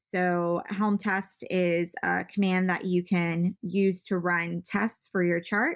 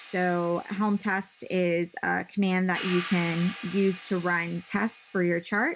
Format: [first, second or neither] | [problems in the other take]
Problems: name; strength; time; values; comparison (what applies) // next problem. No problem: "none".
first | background sound (Hi-hat); 16 dB below the speech